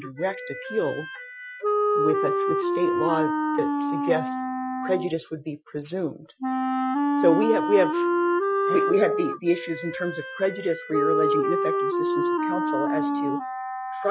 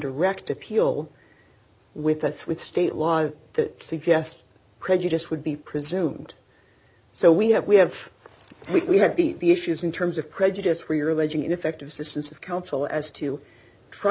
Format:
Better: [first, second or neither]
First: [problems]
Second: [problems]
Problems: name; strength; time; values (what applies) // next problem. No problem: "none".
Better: second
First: noise reduction (classical method Wiener filter)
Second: none